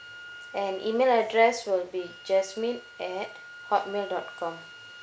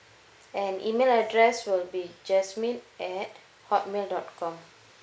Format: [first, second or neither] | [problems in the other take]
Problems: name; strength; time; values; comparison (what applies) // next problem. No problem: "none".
second | background sound (Wind instrument, woodwind instrument); 18 dB below the speech